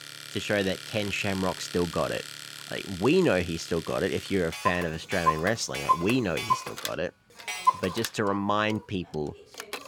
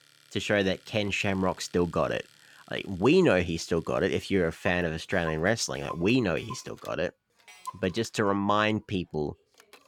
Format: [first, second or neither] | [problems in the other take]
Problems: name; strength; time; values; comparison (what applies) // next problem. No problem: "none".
second | household noises; loud; throughout; 4 dB below the speech; faint in the second